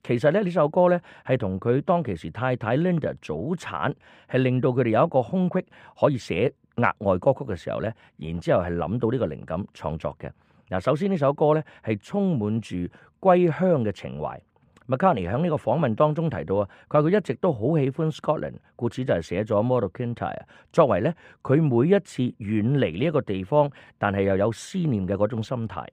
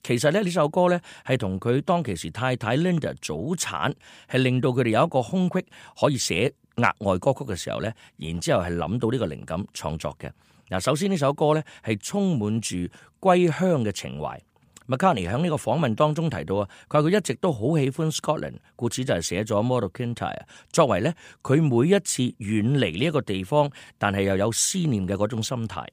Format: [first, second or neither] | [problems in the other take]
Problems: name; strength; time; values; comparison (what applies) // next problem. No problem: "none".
second | muffled; very; fading above 3.5 kHz